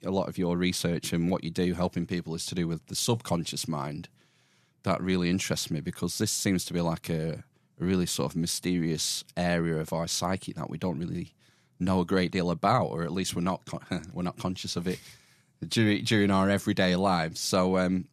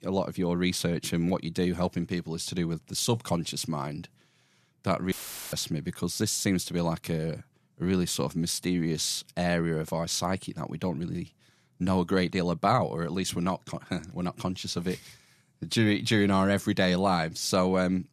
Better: first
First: none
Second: audio cutting out; filled with static; at 5 s

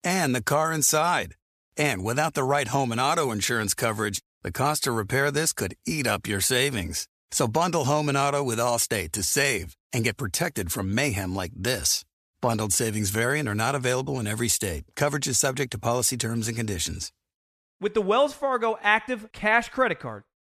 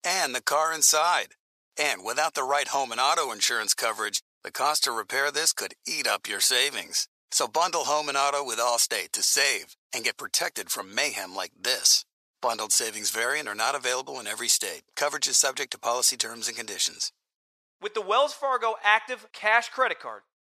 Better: first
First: none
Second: thin; very; fading below 650 Hz

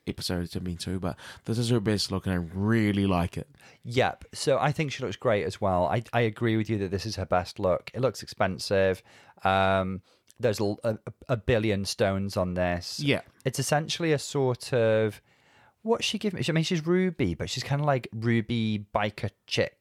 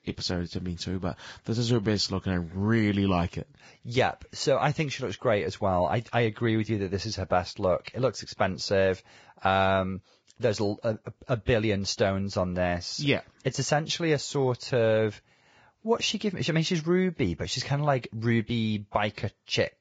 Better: first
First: none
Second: garbled, watery; badly; nothing above 7.5 kHz

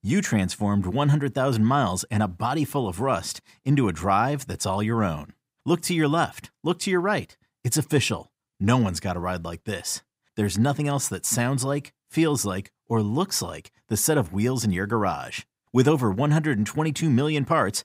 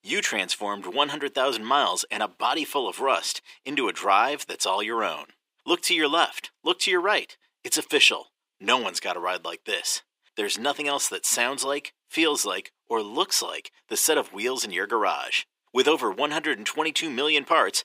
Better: first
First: none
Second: thin; very; fading below 350 Hz

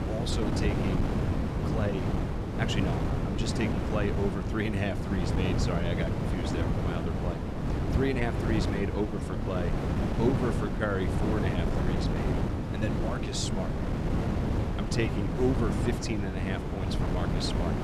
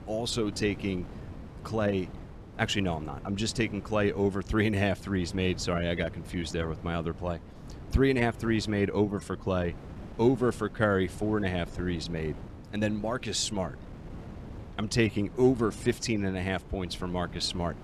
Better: second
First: wind noise on the microphone; heavy; as loud as the speech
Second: wind noise on the microphone; occasional gusts; 20 dB below the speech

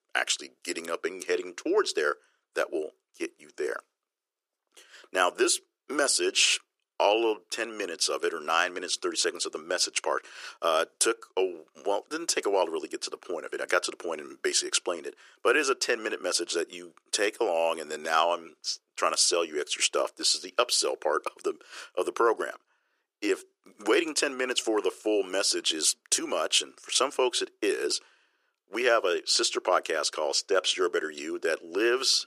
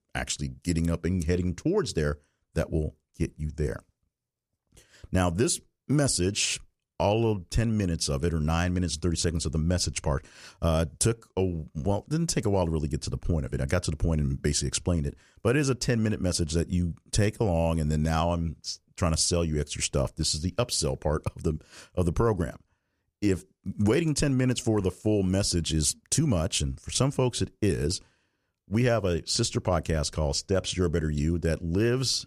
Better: second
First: thin; very; fading below 350 Hz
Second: none

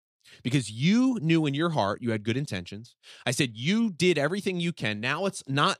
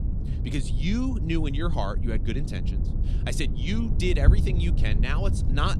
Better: first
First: none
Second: low rumble; loud; throughout; 9 dB below the speech

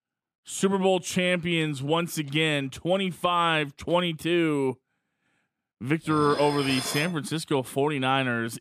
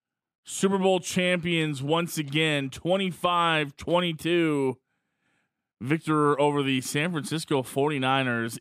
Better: second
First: clattering dishes; noticeable; from 6 to 7 s; peak 5 dB below the speech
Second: none

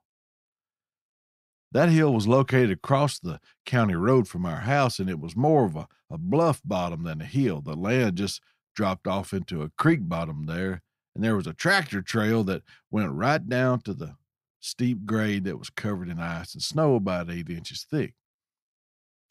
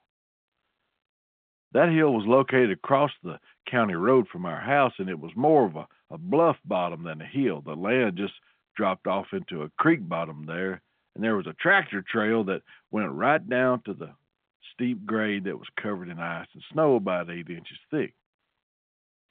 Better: first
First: none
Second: phone-call audio; nothing above 3.5 kHz

